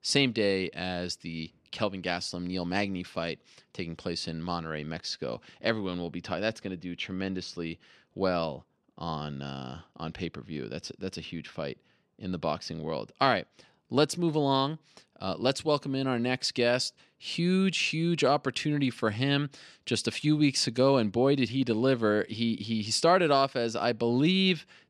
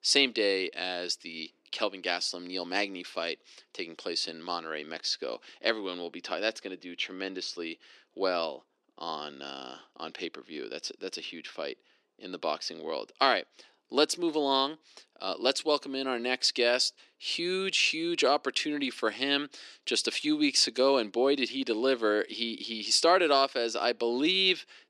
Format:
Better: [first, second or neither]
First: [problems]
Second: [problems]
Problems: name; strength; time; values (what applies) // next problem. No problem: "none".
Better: first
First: none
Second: thin; very slightly; fading below 300 Hz